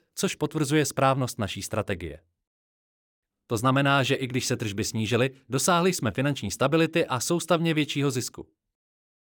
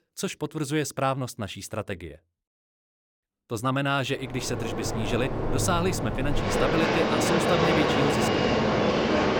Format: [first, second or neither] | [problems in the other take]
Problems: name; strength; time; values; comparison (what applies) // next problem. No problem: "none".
first | train or aircraft noise; very loud; from 4.5 s on; 3 dB above the speech